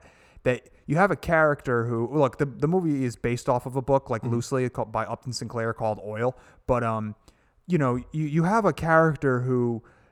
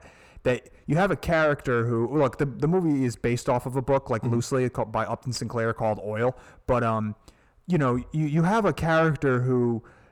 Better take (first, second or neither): first